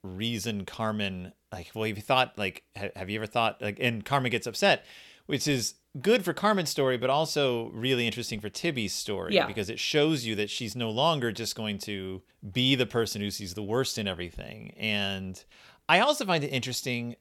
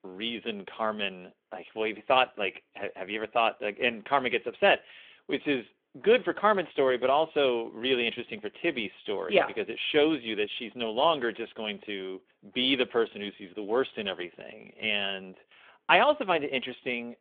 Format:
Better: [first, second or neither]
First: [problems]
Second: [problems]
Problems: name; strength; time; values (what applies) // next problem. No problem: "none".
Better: first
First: none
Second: phone-call audio; nothing above 3.5 kHz